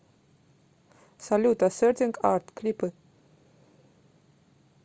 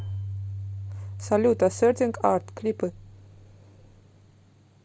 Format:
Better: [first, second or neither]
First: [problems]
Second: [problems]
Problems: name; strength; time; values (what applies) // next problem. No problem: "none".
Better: first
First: none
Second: background sound (Keyboard (musical)); 10 dB below the speech